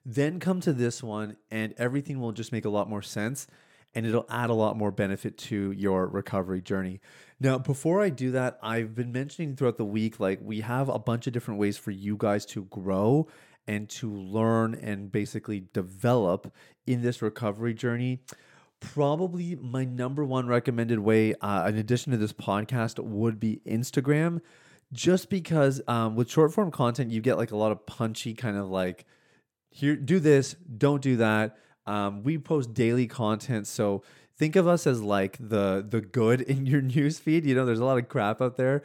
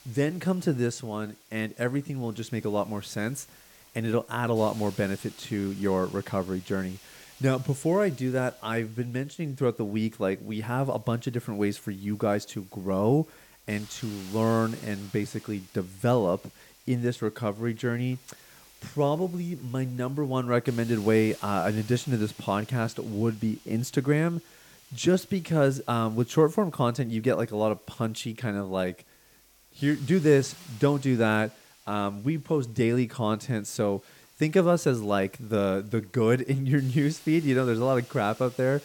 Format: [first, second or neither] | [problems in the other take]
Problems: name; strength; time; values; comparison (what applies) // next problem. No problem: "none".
first | hiss; faint; throughout; 25 dB below the speech